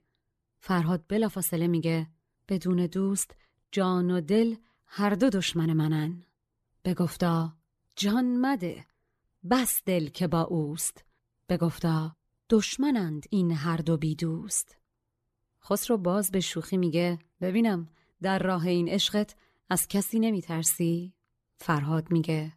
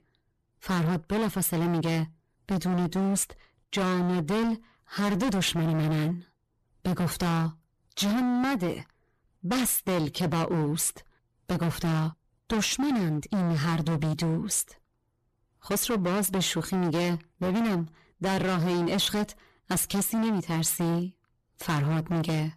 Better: first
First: none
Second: distortion; heavy; 29% of the sound clipped

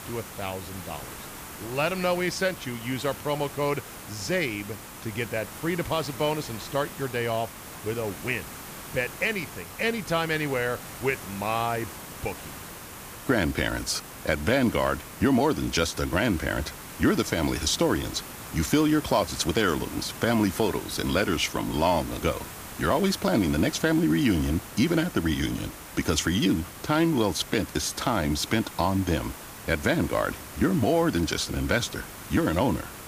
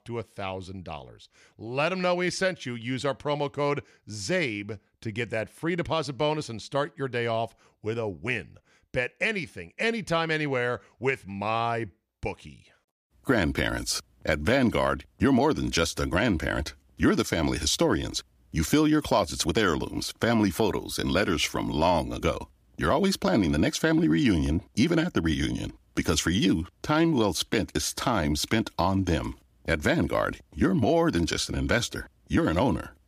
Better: second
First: hiss; noticeable; throughout; 15 dB below the speech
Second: none

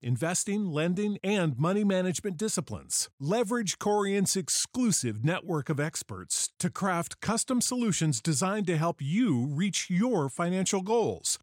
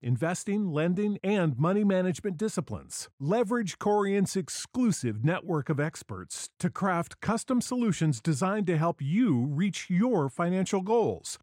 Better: first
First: none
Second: muffled; slightly; fading above 3 kHz

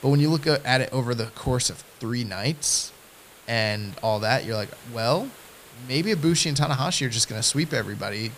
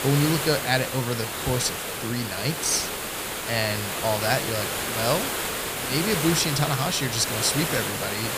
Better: first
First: hiss; faint; throughout; 20 dB below the speech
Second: hiss; loud; throughout; 2 dB below the speech

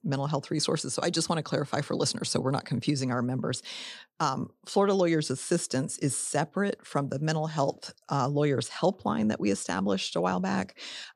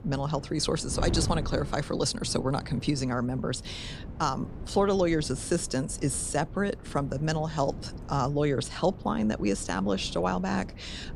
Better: first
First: none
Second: wind noise on the microphone; occasional gusts; 15 dB below the speech

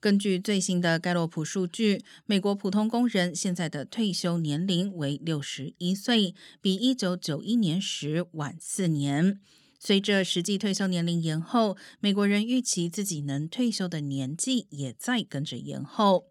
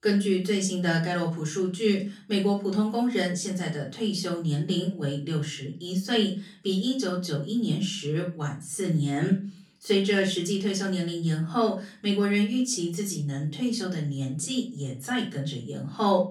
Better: first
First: none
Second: off-mic speech; far // room echo; slight; dies away in 0.3 s

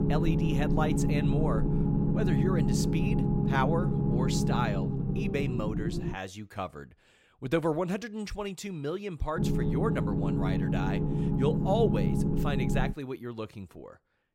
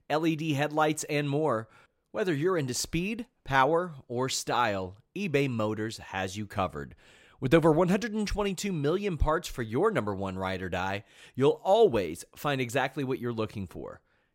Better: second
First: low rumble; loud; until 6 s and from 9.5 to 13 s; 1 dB below the speech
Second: none

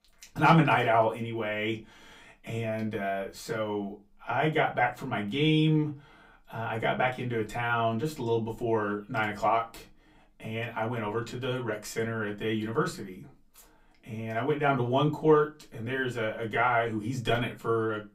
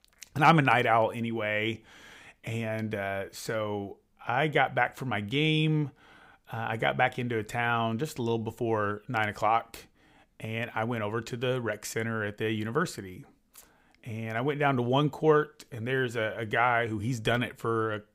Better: second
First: off-mic speech; far // room echo; very slight; dies away in 0.2 s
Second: none

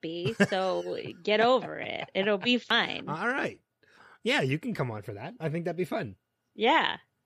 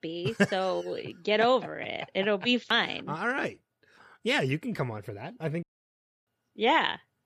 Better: first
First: none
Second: audio cutting out; at 5.5 s for 0.5 s

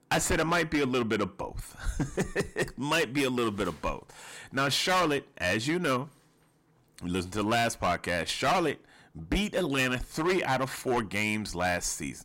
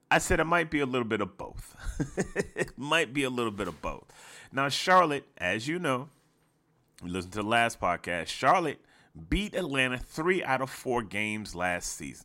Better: second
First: distortion; heavy; 9% of the sound clipped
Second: none

